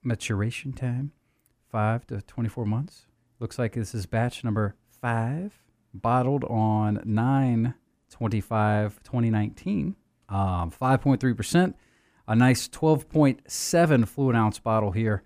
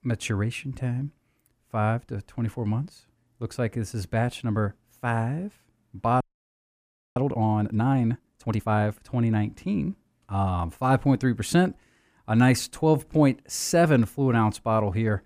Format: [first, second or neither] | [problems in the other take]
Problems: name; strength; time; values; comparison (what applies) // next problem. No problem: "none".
first | audio freezing; at 6 s for 1 s